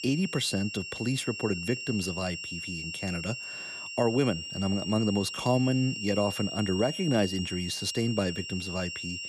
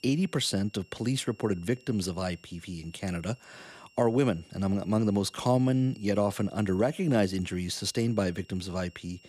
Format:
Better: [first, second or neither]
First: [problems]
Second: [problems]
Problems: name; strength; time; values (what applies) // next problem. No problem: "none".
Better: second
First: high-pitched whine; loud; throughout; 3 kHz, 6 dB below the speech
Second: high-pitched whine; faint; throughout; 3 kHz, 30 dB below the speech